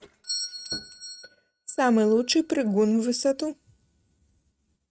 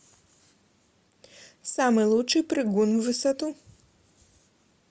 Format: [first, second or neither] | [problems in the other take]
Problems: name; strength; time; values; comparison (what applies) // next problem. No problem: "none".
second | noise reduction (neural mask model RNNoise)